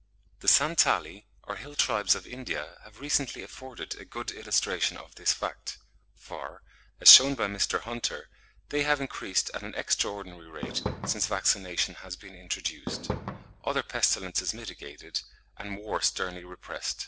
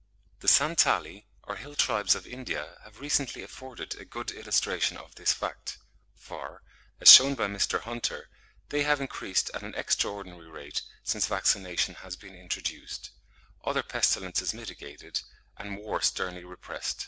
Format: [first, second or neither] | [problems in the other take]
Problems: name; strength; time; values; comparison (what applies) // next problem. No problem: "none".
second | background sound (Fireworks); 7 dB below the speech